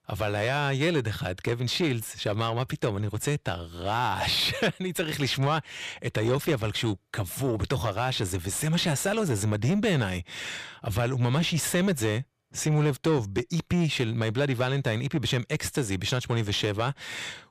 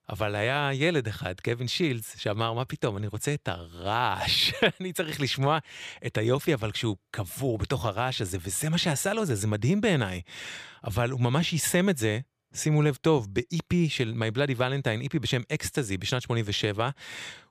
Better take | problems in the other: second | distortion; slight; 10 dB below the speech

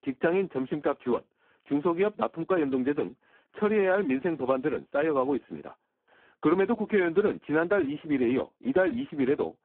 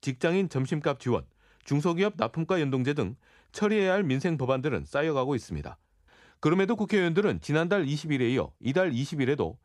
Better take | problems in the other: second | phone-call audio; poor line; nothing above 3.5 kHz

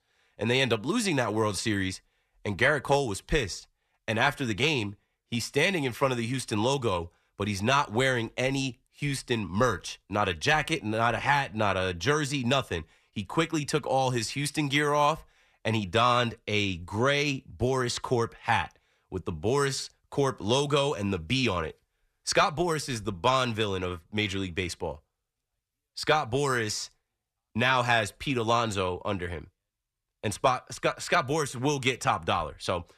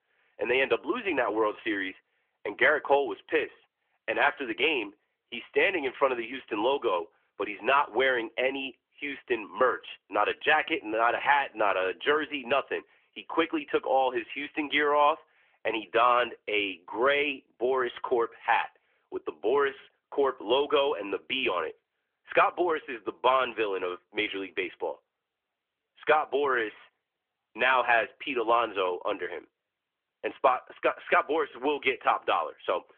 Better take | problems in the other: first | phone-call audio; nothing above 3.5 kHz

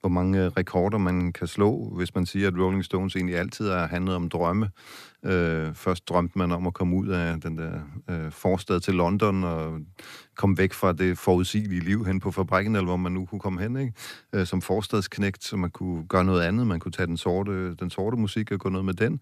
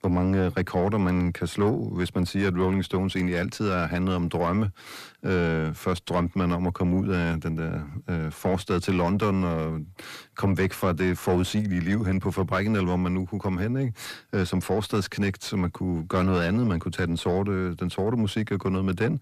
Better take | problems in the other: first | distortion; slight; 10 dB below the speech

